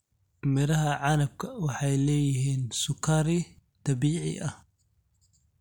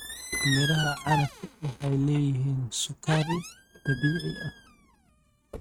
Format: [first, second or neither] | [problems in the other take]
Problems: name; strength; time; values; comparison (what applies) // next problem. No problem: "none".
first | noise reduction (neural mask model RNNoise)